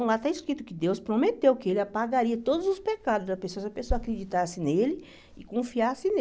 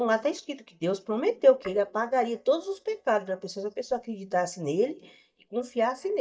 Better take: first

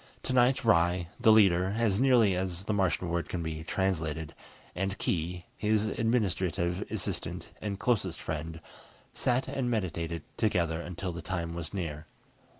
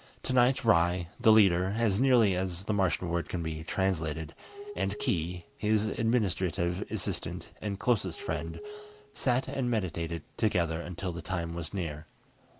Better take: first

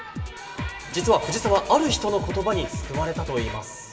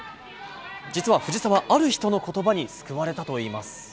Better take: second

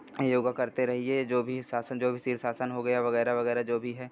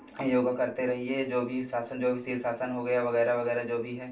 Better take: first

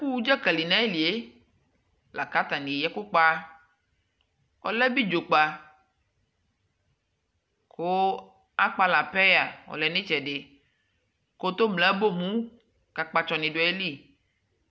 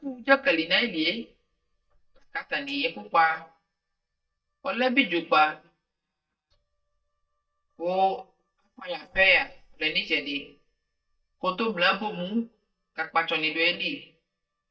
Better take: first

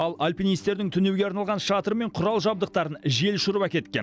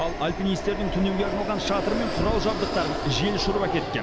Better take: first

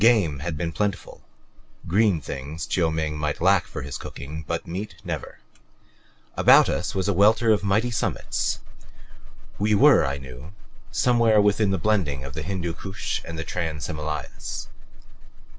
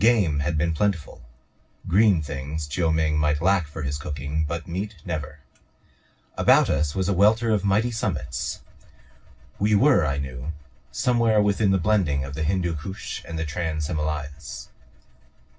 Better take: first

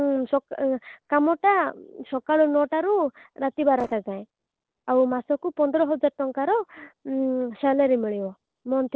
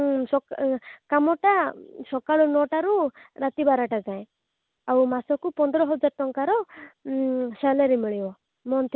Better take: second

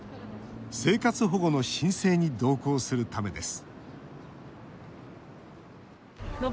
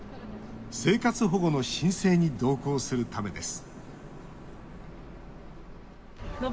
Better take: first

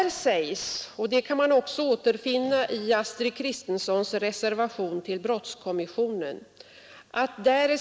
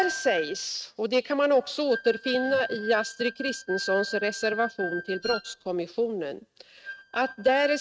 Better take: first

